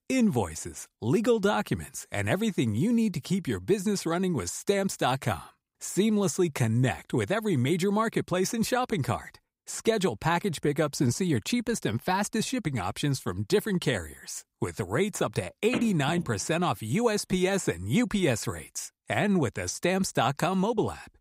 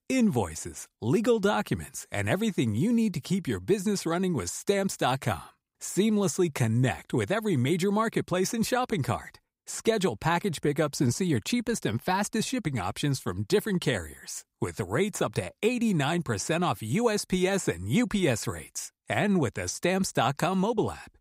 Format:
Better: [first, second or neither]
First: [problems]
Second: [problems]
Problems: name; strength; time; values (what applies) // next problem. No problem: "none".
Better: second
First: phone ringing; noticeable; from 16 to 17 s; peak 6 dB below the speech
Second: none